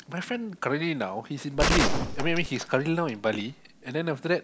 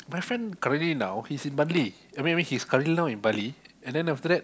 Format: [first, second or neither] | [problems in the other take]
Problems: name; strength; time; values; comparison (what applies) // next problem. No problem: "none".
second | background sound (Gunshot, gunfire); as loud as the speech